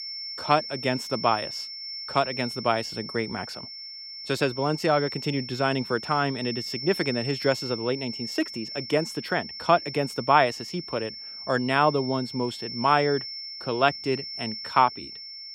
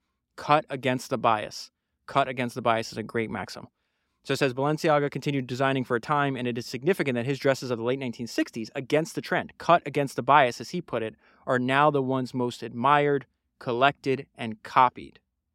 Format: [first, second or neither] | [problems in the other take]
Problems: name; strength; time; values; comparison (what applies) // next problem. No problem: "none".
second | high-pitched whine; loud; throughout; 5.5 kHz, 8 dB below the speech